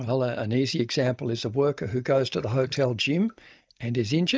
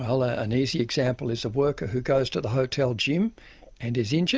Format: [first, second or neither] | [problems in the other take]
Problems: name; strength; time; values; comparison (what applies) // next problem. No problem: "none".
second | noise reduction (neural mask model DeepFilterNet 3)